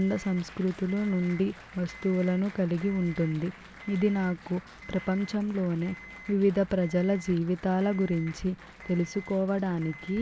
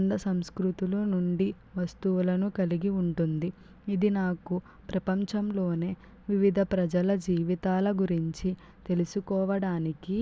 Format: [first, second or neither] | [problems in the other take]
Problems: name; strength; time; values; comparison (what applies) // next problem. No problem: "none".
second | background sound (Applause + Alarm); 19 dB below the speech